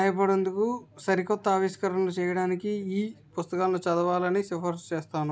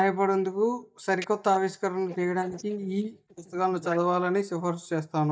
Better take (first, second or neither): first